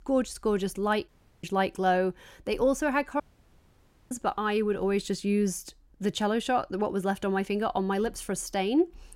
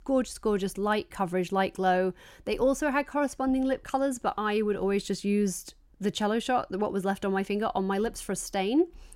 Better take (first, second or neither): second